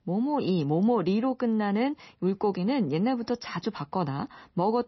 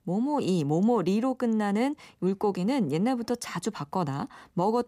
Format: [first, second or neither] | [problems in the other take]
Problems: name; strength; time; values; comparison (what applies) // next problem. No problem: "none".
second | garbled, watery; slightly; nothing above 5.5 kHz